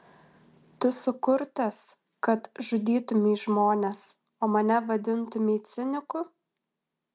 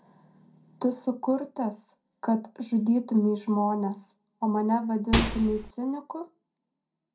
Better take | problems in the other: first | background sound (Microwave oven); 1 dB above the speech // room echo; dies away in 0.2 s

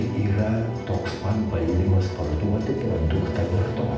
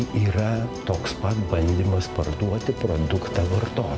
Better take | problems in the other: second | room echo; dies away in 0.8 s

